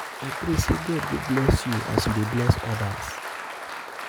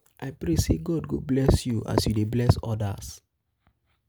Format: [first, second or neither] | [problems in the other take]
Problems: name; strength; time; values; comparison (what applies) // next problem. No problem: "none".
second | background sound (Applause); 7 dB below the speech